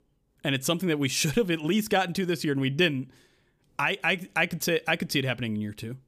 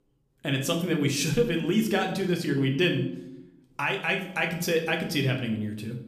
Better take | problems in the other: first | room echo; slight; dies away in 0.6 s

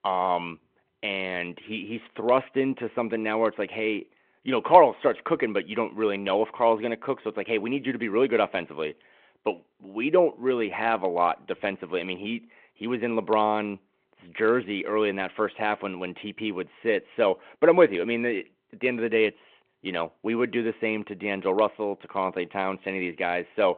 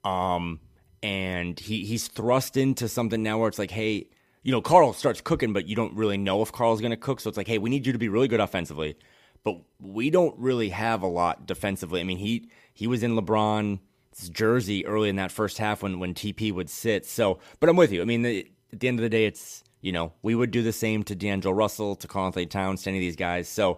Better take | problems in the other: second | phone-call audio

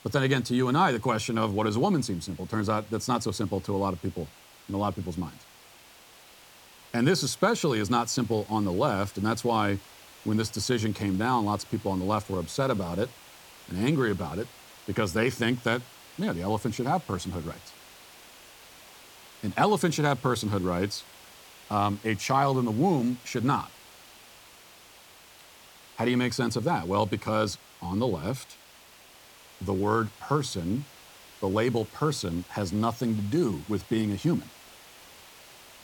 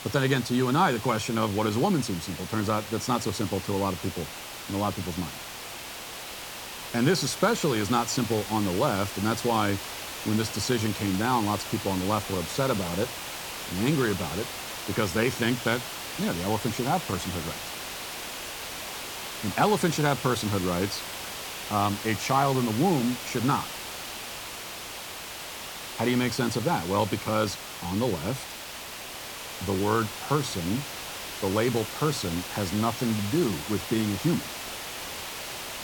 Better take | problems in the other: first | hiss; loud; throughout; 8 dB below the speech; faint in the first

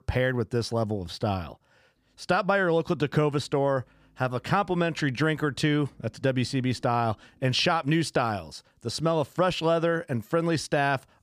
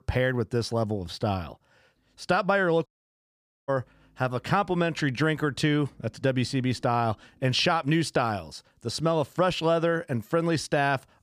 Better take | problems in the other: first | audio cutting out; at 3 s for 1 s

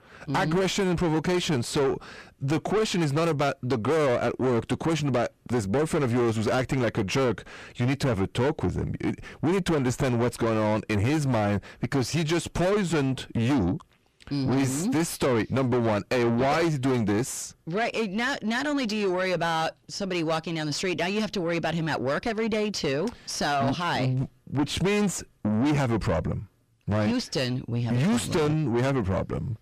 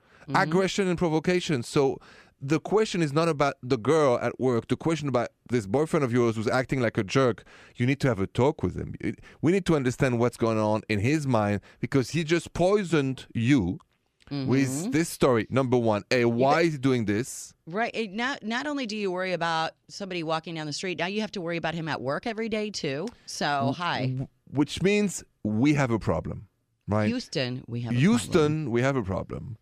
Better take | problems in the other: second | distortion; heavy; 7 dB below the speech

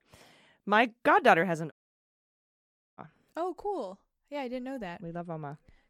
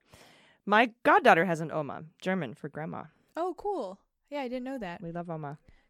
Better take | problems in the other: second | audio cutting out; at 1.5 s for 1.5 s

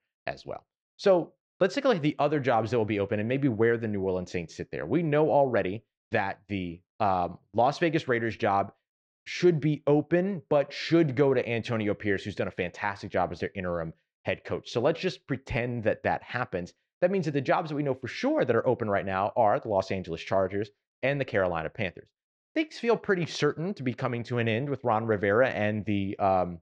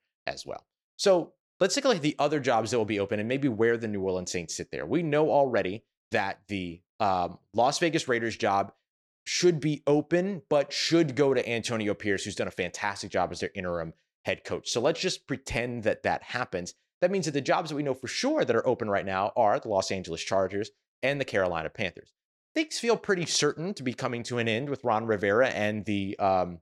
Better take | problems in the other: second | muffled; slightly; fading above 3 kHz

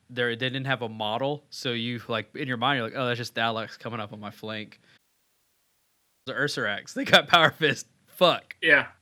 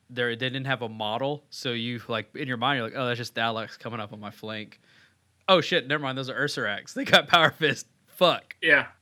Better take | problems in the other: second | audio cutting out; at 5 s for 1.5 s

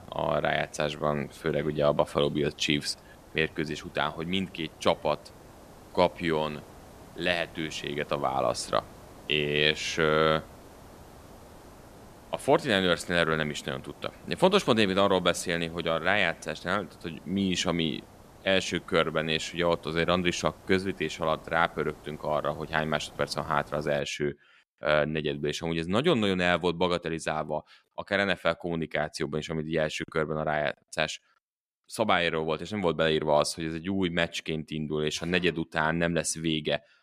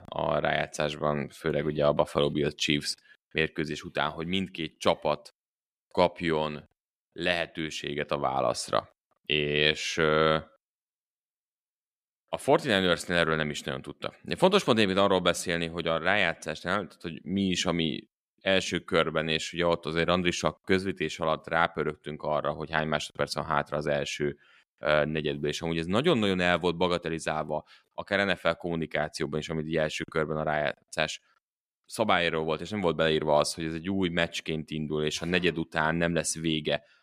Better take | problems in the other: second | hiss; faint; until 24 s; 25 dB below the speech

